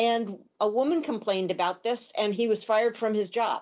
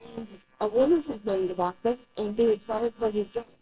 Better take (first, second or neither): first